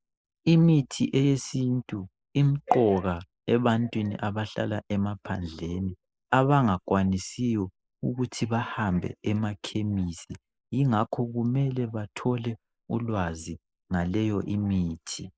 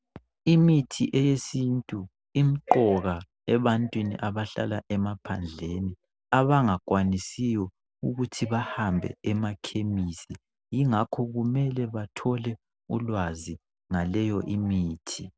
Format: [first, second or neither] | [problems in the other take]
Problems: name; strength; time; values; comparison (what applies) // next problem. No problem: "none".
second | noise reduction (neural mask model Resemble Enhance denoiser)